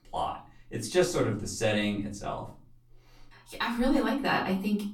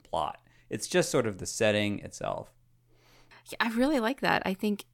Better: second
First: room echo; slight; dies away in 0.3 s // off-mic speech; far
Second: none

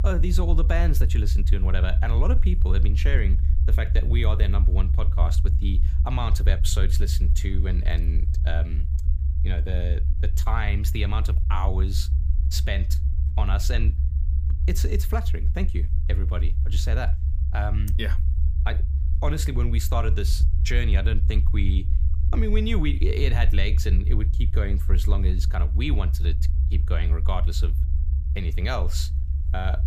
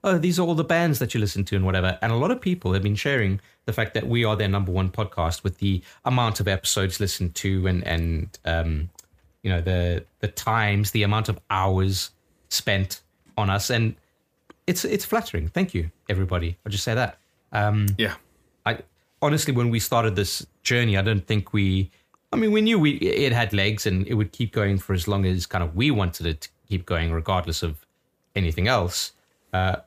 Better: second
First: low rumble; loud; throughout; 10 dB below the speech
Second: none

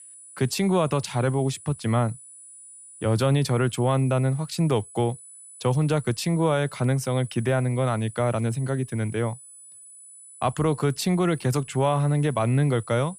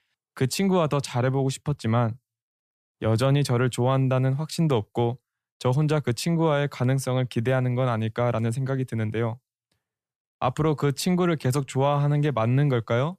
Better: second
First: high-pitched whine; noticeable; throughout; 10 kHz, 20 dB below the speech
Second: none

